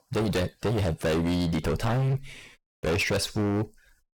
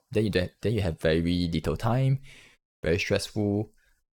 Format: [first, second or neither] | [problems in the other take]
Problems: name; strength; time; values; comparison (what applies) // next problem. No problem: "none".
second | distortion; heavy; 24% of the sound clipped